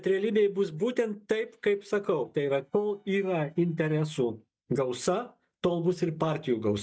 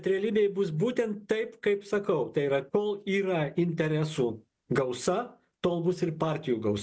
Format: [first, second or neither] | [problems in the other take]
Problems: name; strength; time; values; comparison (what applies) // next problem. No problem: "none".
second | noise reduction (neural mask model DeepFilterNet 3)